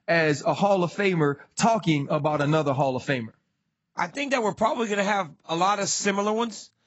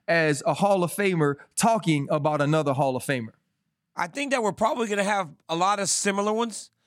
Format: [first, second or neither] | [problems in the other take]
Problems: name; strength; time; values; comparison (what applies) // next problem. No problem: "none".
second | garbled, watery; badly; nothing above 8 kHz